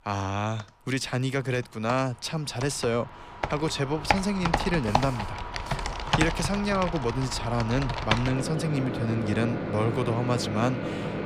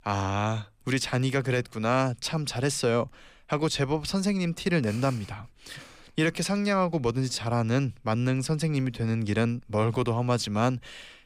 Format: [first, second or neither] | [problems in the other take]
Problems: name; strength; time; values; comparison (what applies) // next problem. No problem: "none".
second | household noises; loud; throughout; 3 dB below the speech